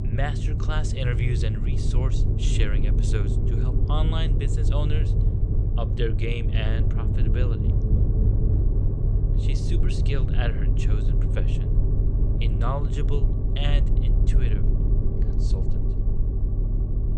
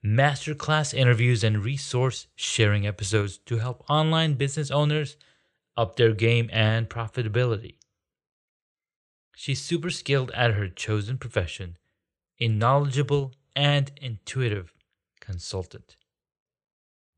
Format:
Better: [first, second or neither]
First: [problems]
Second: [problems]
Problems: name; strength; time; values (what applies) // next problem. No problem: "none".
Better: second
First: low rumble; loud; throughout; 3 dB below the speech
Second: none